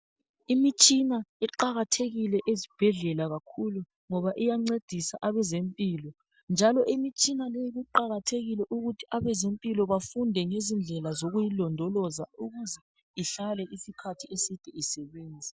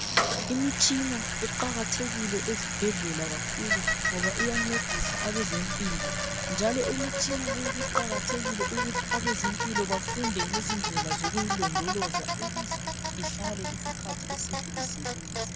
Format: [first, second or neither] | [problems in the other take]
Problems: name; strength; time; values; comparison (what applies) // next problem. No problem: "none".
first | background sound (Bicycle); 3 dB above the speech